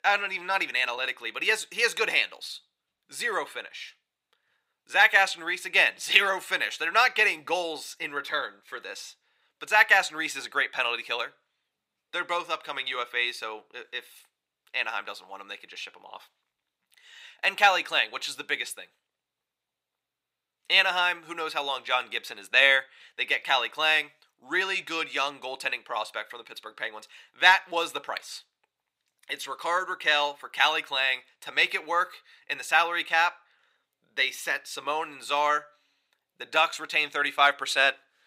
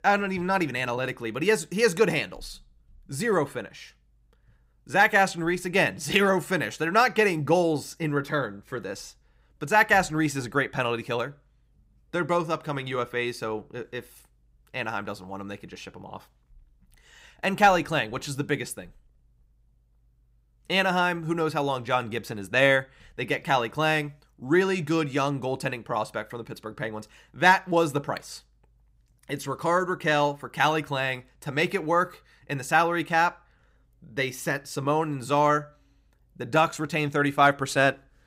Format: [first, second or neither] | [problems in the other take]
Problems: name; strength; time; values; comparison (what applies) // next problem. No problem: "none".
second | thin; very; fading below 650 Hz